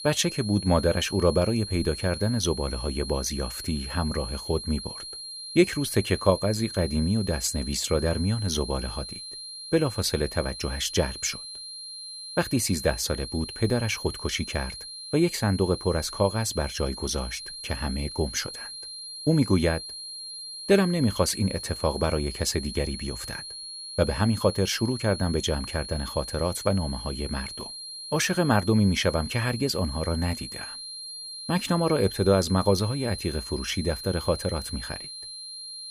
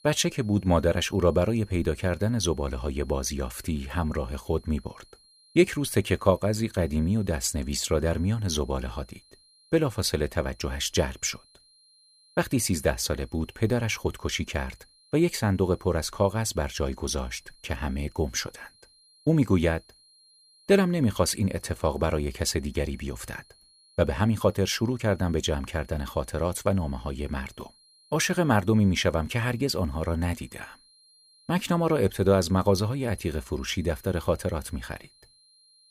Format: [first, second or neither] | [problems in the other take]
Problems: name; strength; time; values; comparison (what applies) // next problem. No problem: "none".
second | high-pitched whine; loud; throughout; 4 kHz, 9 dB below the speech; faint in the second